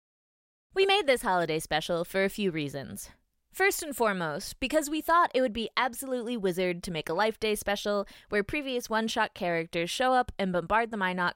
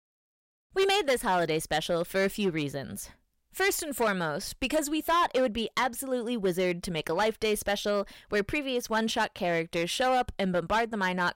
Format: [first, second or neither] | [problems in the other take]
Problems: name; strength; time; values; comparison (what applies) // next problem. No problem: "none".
first | distortion; slight; 6% of the sound clipped